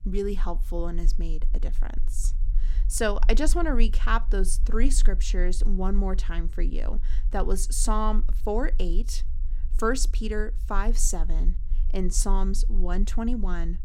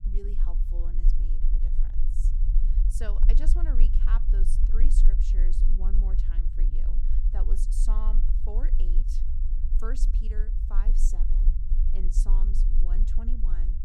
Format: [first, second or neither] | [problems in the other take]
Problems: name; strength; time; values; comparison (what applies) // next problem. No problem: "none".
first | low rumble; loud; throughout; 5 dB below the speech; faint in the first